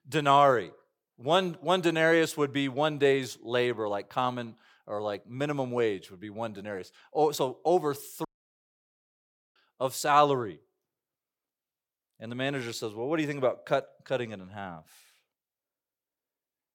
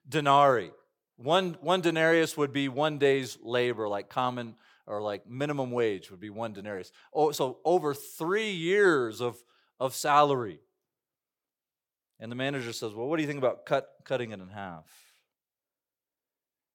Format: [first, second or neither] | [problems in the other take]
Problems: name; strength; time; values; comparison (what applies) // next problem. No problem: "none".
second | audio cutting out; at 8.5 s for 1.5 s